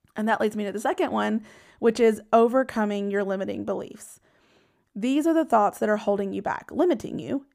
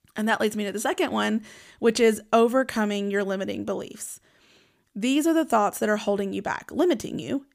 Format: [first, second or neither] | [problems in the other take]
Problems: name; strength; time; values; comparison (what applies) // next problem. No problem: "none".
second | muffled; slightly; fading above 2 kHz